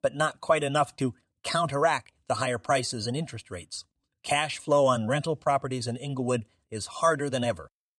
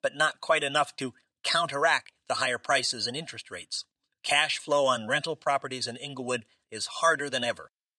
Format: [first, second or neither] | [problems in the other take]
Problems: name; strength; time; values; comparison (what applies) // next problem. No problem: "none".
first | thin; very slightly; fading below 800 Hz